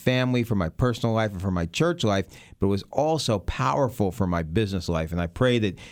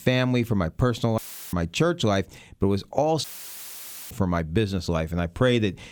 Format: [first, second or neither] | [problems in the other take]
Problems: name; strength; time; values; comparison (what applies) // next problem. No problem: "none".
first | audio cutting out; filled with static; at 1 s and at 3 s for 1 s